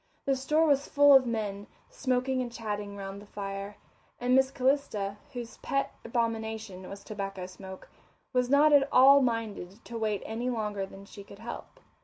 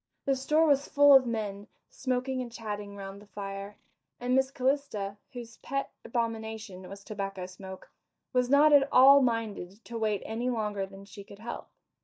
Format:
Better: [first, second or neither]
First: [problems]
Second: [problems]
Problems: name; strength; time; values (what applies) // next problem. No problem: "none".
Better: first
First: none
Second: noise reduction (neural mask model DeepFilterNet 3)